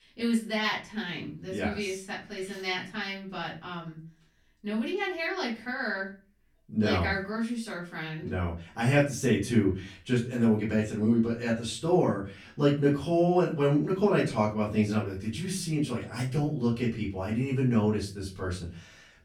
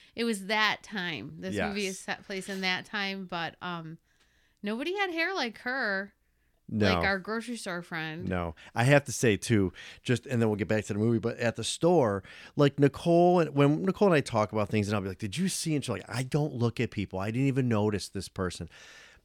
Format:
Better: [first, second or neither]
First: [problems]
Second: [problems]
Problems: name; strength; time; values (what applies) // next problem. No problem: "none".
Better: second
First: off-mic speech; far // room echo; slight; dies away in 0.3 s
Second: none